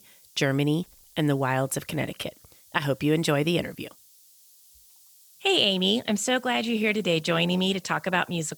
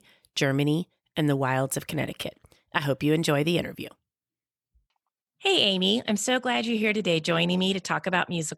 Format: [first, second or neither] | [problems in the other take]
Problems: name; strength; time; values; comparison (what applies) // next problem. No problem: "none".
second | hiss; faint; throughout; 25 dB below the speech